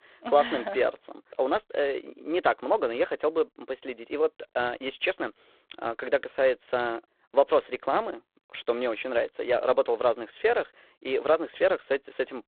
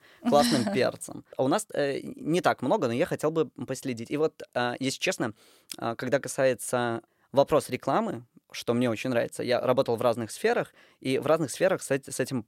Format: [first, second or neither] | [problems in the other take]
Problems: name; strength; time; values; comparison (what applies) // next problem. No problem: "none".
second | phone-call audio; poor line; nothing above 4 kHz